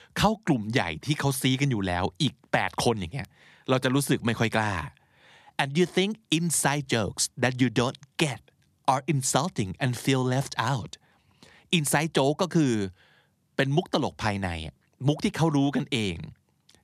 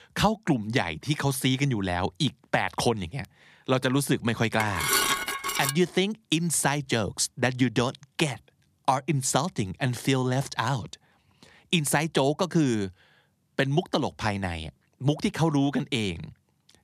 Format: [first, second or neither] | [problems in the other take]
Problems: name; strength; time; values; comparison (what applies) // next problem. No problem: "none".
first | clattering dishes; loud; from 4.5 to 5.5 s; peak 4 dB above the speech